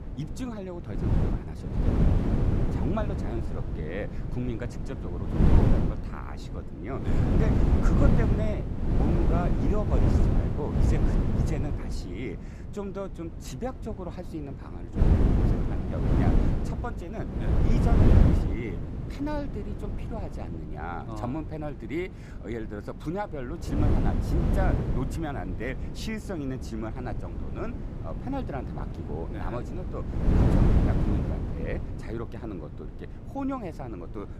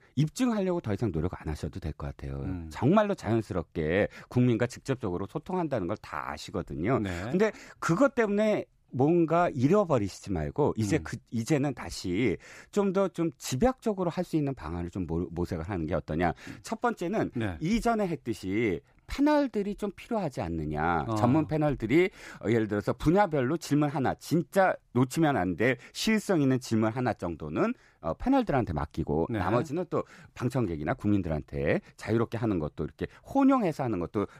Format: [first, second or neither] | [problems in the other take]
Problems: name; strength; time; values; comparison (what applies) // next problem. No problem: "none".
second | wind noise on the microphone; heavy; 2 dB above the speech